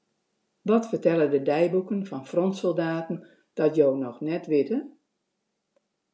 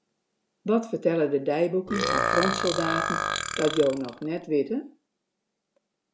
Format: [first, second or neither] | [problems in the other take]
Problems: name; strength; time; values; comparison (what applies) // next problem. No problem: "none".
first | background sound (Burping, eructation); 1 dB below the speech